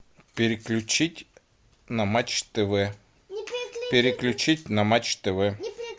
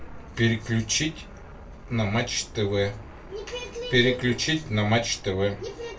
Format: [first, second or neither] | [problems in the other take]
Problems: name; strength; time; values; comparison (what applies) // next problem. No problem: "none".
first | background sound (Fixed-wing aircraft, airplane); 16 dB below the speech // room echo; dies away in 0.2 s